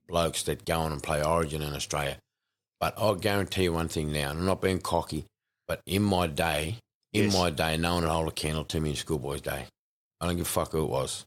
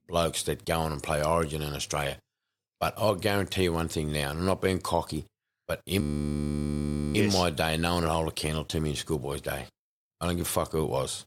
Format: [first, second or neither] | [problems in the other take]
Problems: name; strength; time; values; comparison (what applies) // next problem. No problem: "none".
first | audio freezing; at 6 s for 1 s